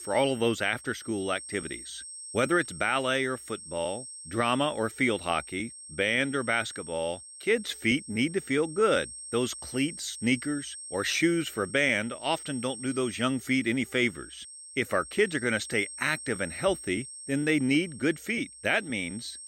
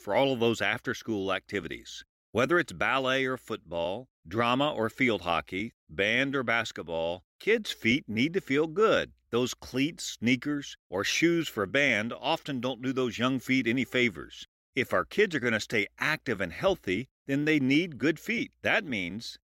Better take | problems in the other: second | high-pitched whine; noticeable; throughout; 8.5 kHz, 10 dB below the speech

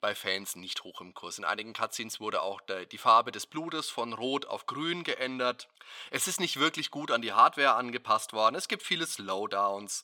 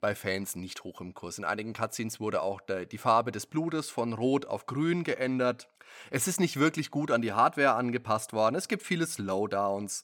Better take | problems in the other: second | thin; somewhat; fading below 500 Hz

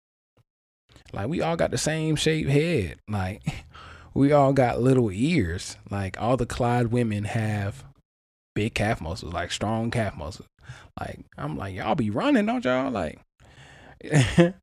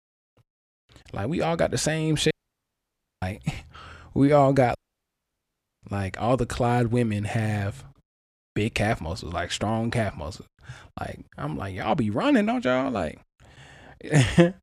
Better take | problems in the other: first | audio cutting out; at 2.5 s for 1 s and at 5 s for 1 s

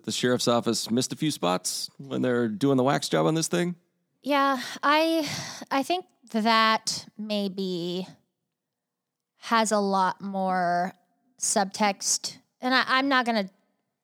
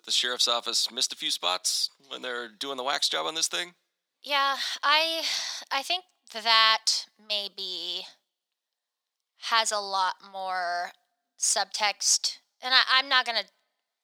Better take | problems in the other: first | thin; very; fading below 800 Hz

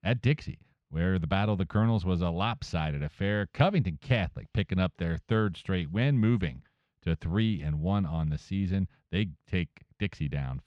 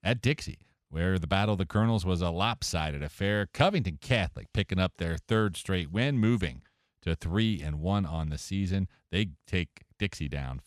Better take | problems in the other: second | muffled; slightly; fading above 3.5 kHz

